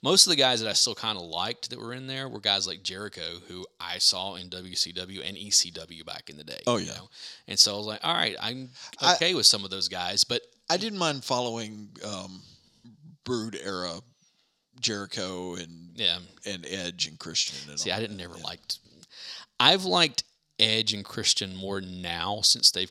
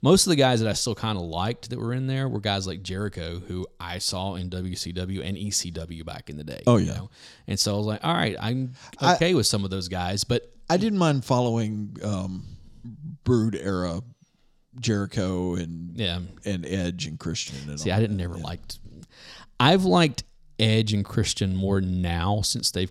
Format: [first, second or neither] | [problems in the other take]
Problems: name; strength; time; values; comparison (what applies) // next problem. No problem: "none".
second | thin; somewhat; fading below 1 kHz